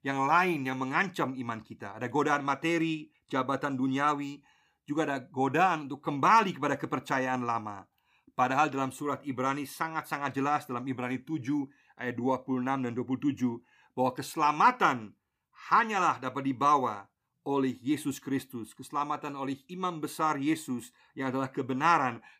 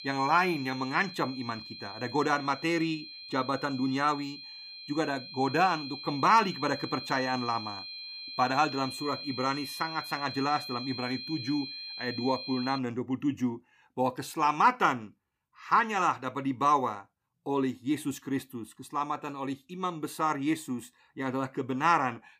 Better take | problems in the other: first | high-pitched whine; loud; until 13 s; 4 kHz, 10 dB below the speech

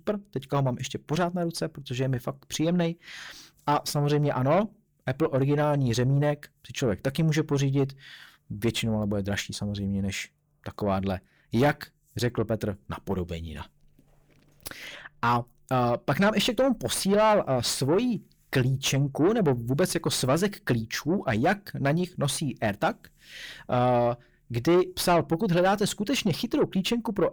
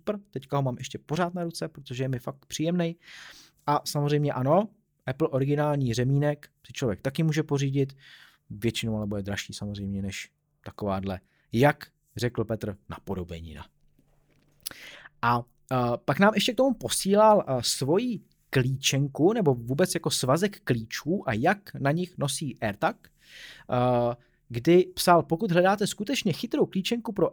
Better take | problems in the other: second | distortion; slight; 9 dB below the speech

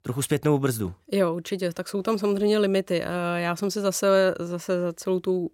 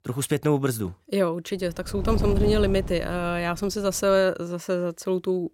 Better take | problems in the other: first | wind noise on the microphone; occasional gusts; from 1.5 to 4 s; 15 dB below the speech

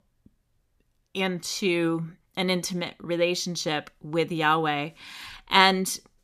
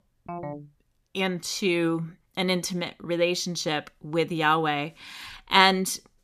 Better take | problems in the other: first | phone ringing; faint; at 0.5 s; peak 10 dB below the speech

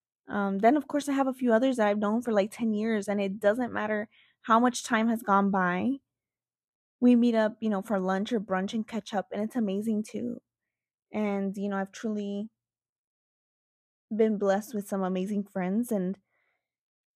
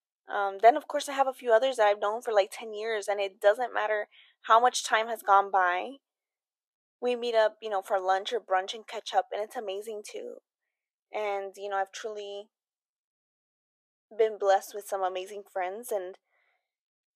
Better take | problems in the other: first | thin; very; fading below 400 Hz

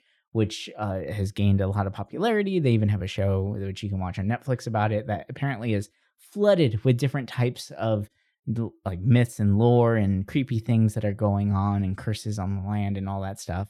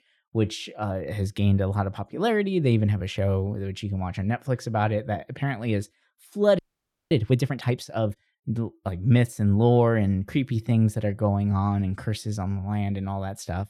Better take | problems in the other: first | audio freezing; at 6.5 s for 0.5 s

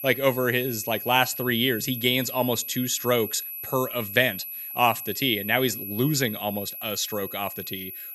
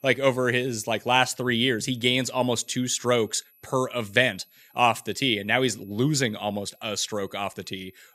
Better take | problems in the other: second | high-pitched whine; loud; throughout; 12 kHz, 8 dB below the speech; faint in the second

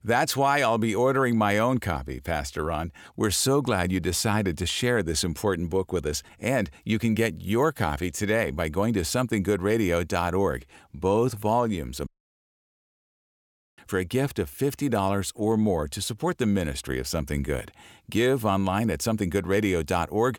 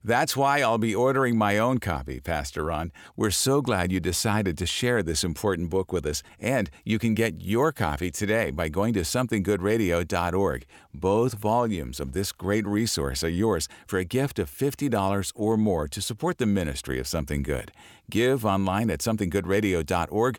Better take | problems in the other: second | audio cutting out; at 12 s for 1.5 s

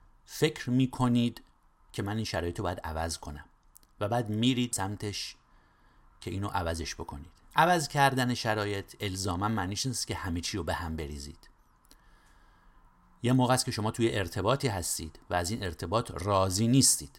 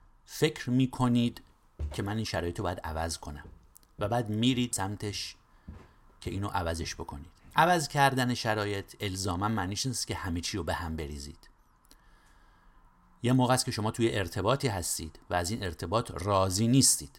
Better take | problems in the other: first | footsteps; faint; from 1.5 to 7.5 s; peak 10 dB below the speech

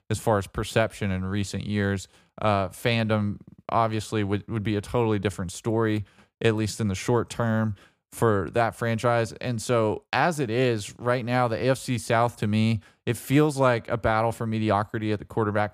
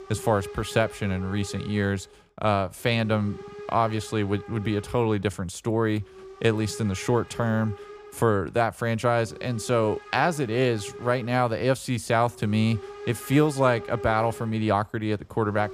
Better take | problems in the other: first | hiss; noticeable; throughout; 15 dB below the speech

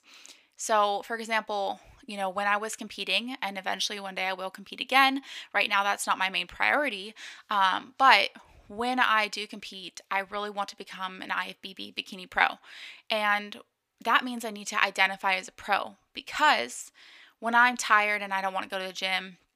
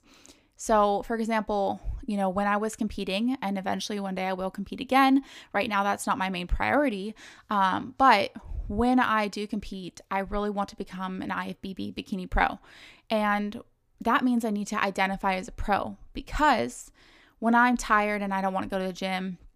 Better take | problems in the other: second | thin; somewhat; fading below 1 kHz

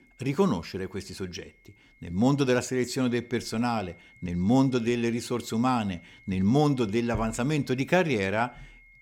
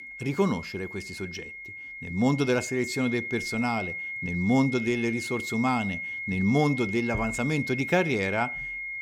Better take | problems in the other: first | high-pitched whine; loud; throughout; 2 kHz, 6 dB below the speech; faint in the first

